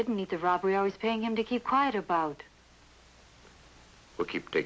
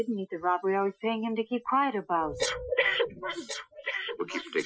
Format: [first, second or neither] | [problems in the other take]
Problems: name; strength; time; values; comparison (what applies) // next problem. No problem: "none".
first | noise reduction (classical method Wiener filter)